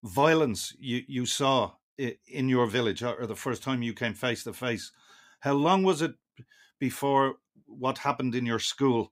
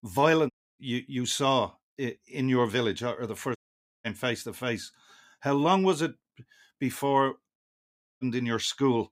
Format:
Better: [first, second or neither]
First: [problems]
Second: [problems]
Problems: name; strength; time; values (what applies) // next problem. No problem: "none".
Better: first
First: none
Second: audio cutting out; at 0.5 s, at 3.5 s and at 7.5 s for 0.5 s